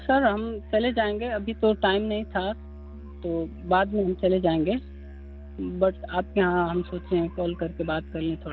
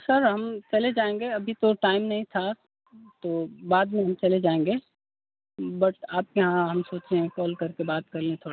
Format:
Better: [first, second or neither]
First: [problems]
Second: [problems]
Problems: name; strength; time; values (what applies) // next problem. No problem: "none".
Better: second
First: background sound (Musical instrument); 15 dB below the speech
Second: none